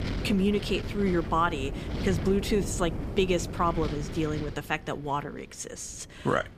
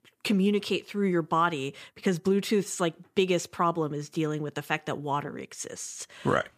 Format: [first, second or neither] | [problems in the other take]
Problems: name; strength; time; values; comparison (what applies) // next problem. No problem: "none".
second | wind noise on the microphone; occasional gusts; 10 dB below the speech